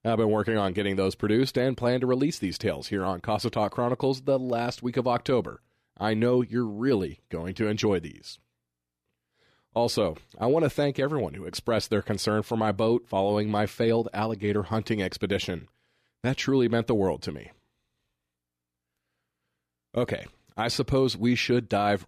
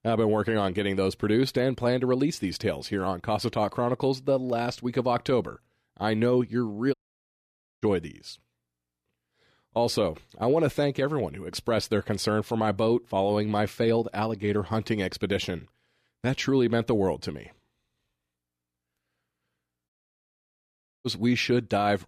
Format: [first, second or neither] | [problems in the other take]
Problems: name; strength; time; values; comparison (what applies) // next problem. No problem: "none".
first | audio cutting out; at 7 s for 1 s and at 20 s for 1 s